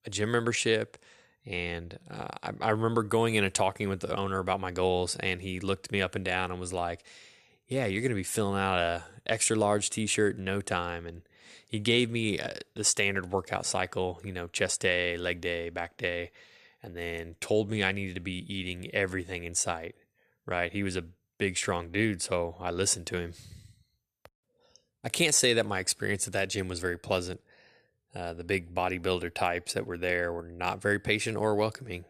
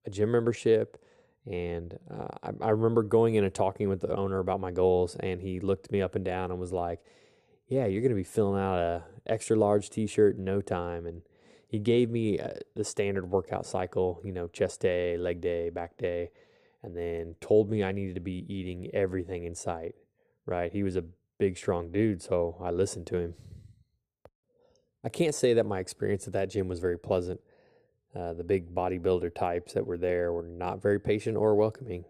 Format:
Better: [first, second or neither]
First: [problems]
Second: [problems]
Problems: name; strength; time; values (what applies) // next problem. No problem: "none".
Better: first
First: none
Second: muffled; slightly; fading above 1 kHz